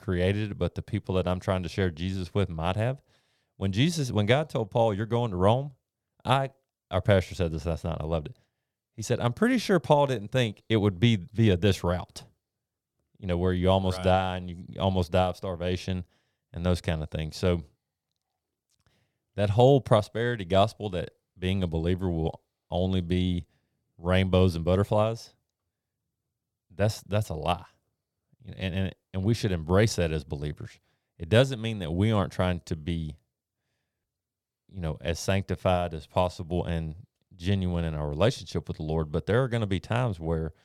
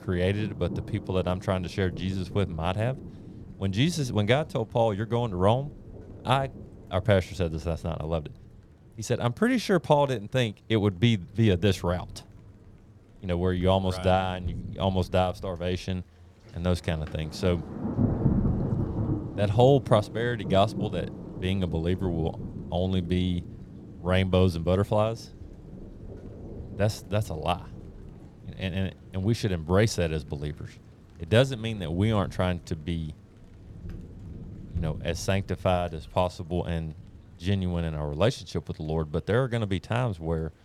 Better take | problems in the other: first | rain or running water; noticeable; throughout; 10 dB below the speech

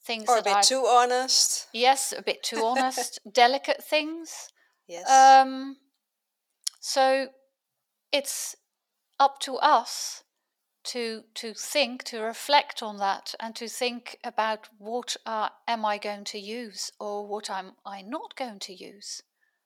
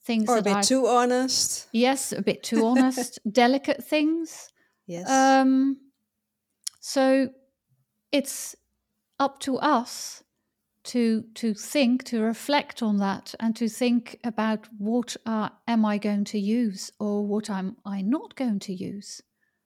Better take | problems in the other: second | thin; very; fading below 650 Hz

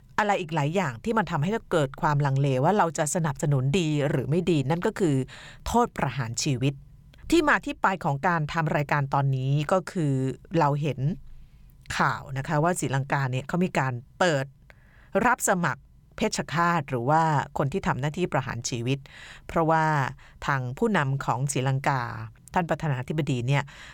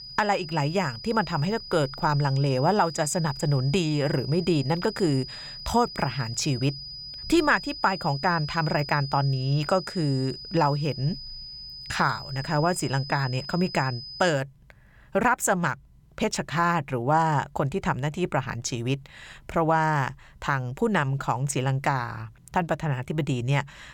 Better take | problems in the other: first | high-pitched whine; noticeable; until 14 s; 5 kHz, 10 dB below the speech

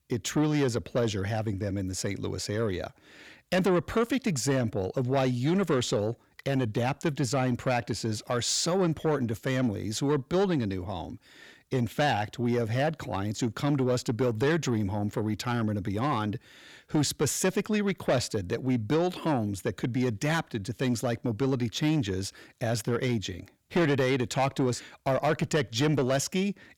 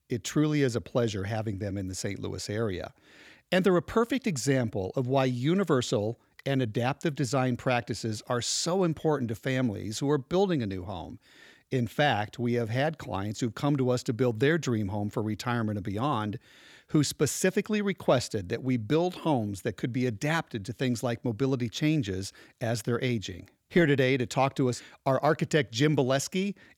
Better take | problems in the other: second | distortion; slight; 10 dB below the speech

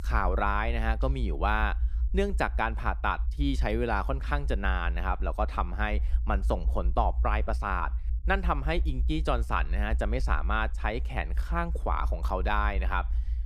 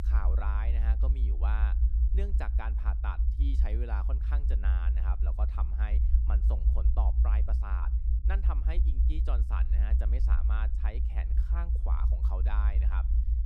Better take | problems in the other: first | low rumble; loud; throughout; 5 dB below the speech; faint in the first

